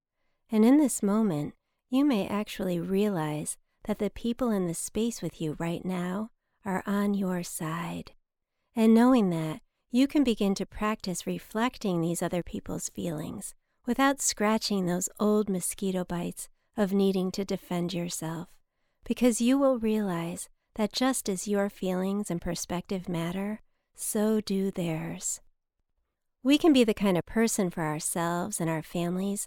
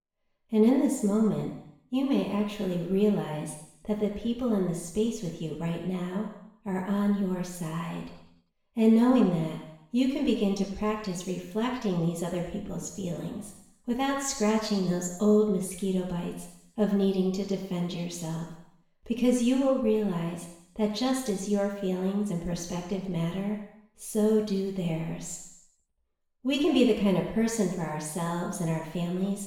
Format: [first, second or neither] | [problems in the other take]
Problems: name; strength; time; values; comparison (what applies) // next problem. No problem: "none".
first | room echo; noticeable; dies away in 0.8 s // off-mic speech; far